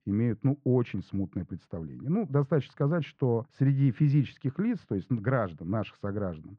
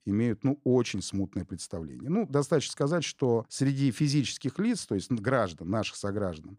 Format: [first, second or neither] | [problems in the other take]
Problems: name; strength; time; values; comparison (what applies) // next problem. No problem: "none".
second | muffled; very; fading above 2.5 kHz